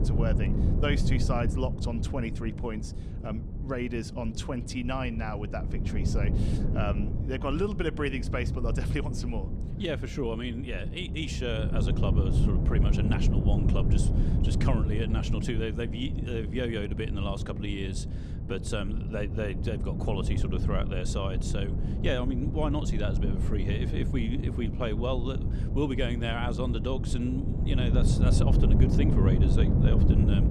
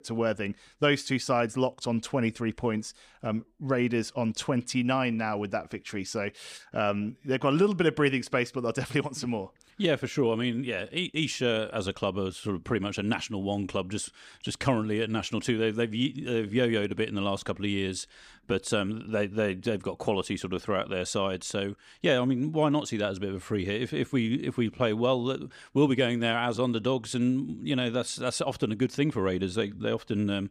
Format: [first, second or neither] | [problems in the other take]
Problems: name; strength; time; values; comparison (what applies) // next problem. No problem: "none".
second | wind noise on the microphone; heavy; 5 dB below the speech